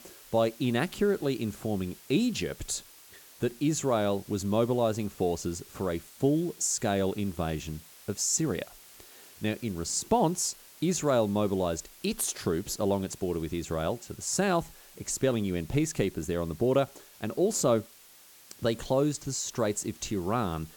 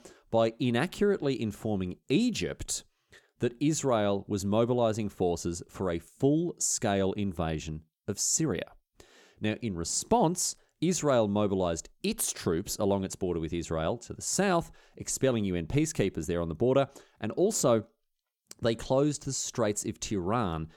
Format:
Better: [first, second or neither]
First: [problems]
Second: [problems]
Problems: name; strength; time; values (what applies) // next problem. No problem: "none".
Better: second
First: hiss; faint; throughout; 20 dB below the speech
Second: none